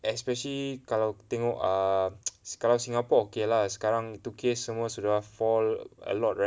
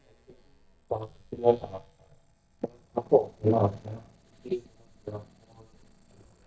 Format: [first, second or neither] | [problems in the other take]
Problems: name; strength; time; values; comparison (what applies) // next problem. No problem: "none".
first | noise reduction (neural mask model DeepFilterNet 3)